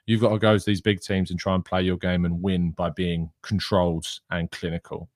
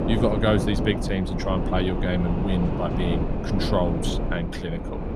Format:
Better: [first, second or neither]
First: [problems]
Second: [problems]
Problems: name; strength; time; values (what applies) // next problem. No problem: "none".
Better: first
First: none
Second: wind noise on the microphone; heavy; 3 dB below the speech